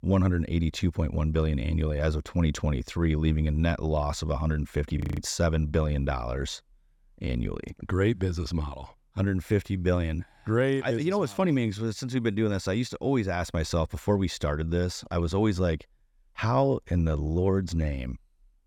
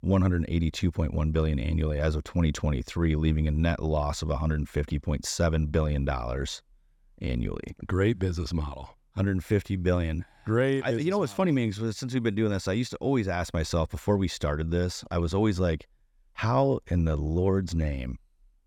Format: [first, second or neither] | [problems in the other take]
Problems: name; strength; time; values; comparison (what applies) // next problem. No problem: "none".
second | audio freezing; at 5 s